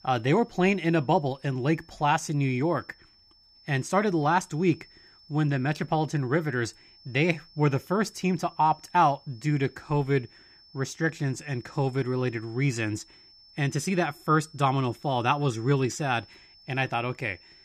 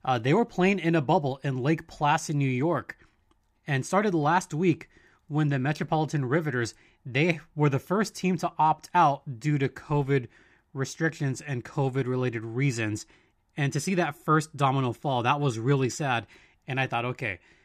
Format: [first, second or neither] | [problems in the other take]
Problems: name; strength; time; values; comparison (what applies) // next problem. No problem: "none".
second | high-pitched whine; faint; throughout; 5.5 kHz, 25 dB below the speech